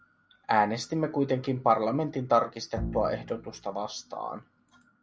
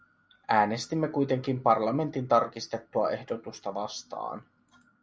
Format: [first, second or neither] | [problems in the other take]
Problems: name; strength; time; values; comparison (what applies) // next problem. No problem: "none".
second | background sound (Bowed string instrument); 10 dB below the speech